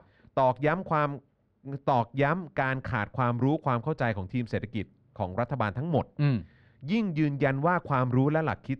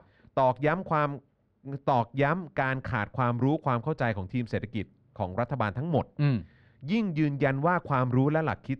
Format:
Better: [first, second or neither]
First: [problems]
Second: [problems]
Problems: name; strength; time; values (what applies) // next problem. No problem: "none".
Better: neither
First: muffled; slightly; fading above 2 kHz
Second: muffled; slightly; fading above 2 kHz